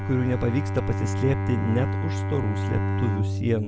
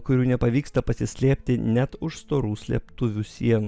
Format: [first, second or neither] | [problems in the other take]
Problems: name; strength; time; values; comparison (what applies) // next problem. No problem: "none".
second | background sound (Bowed string instrument); 1 dB above the speech